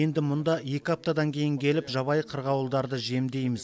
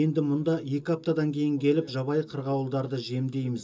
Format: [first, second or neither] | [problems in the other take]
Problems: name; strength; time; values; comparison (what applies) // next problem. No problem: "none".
first | room echo; dies away in 0.2 s